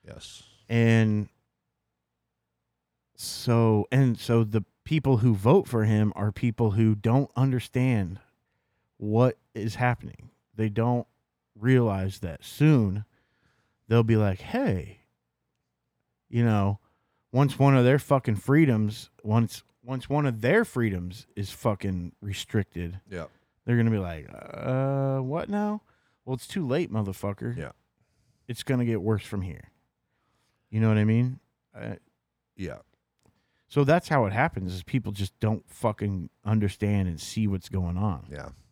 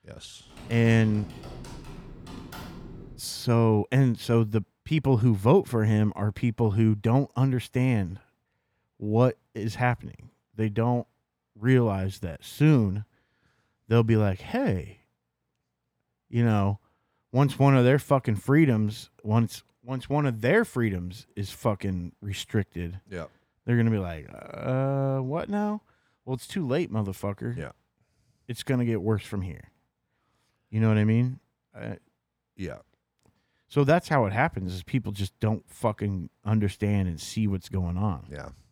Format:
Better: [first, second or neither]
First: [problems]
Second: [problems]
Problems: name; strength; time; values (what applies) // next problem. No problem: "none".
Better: first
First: none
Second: keyboard typing; faint; until 3 s; peak 15 dB below the speech